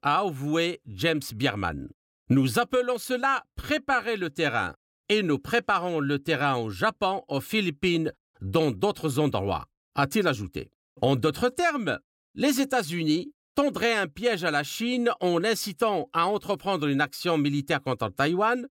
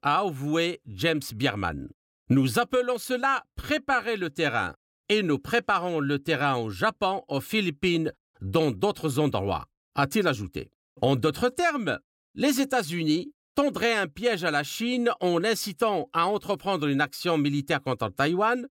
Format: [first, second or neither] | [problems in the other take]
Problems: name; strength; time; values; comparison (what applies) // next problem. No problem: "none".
neither | none